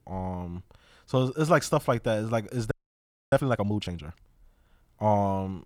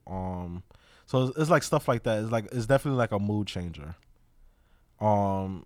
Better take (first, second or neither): second